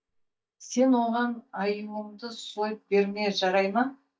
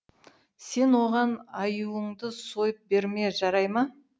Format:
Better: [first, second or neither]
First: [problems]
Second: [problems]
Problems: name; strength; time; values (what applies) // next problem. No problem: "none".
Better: second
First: noise reduction (neural mask model DeepFilterNet 3)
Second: none